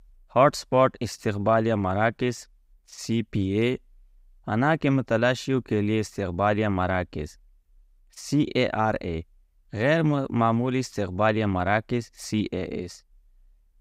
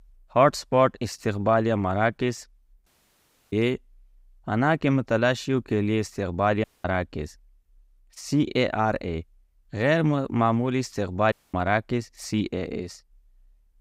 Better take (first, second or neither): first